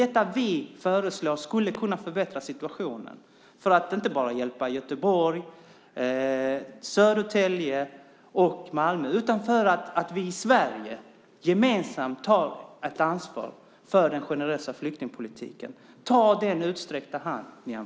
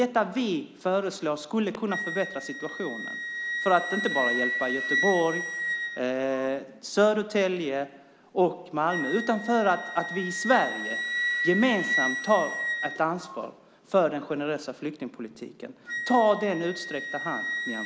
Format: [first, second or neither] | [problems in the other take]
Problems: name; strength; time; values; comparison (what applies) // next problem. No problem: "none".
first | background sound (Wind instrument, woodwind instrument); 6 dB below the speech